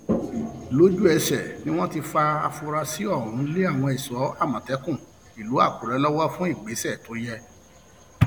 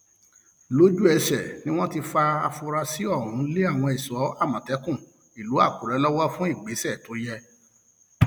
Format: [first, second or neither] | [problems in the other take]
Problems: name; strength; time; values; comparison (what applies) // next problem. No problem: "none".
second | background sound (Toilet flush); 13 dB below the speech